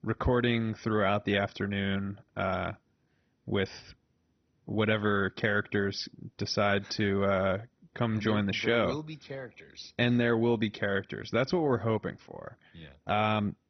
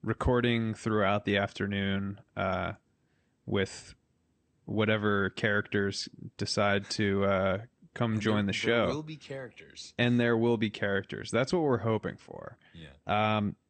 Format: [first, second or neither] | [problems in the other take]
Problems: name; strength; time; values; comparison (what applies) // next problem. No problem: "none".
second | garbled, watery; badly; nothing above 6 kHz; slightly in the second